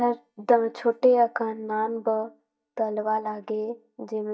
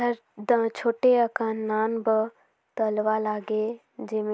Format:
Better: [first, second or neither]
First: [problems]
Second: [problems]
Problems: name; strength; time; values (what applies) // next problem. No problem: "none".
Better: second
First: noise reduction (neural mask model DeepFilterNet 3)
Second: none